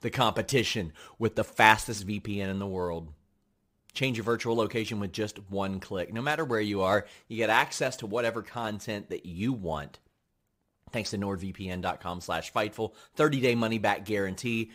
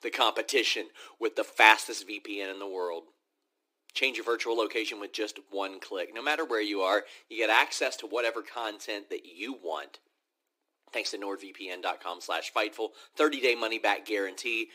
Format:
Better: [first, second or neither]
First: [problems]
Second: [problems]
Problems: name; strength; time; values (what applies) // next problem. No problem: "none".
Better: first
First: none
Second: thin; somewhat; fading below 300 Hz